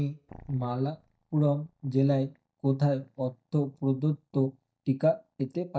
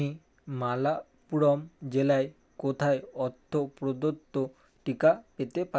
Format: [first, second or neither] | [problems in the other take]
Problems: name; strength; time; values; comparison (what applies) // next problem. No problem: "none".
second | noise reduction (neural mask model DeepFilterNet 3)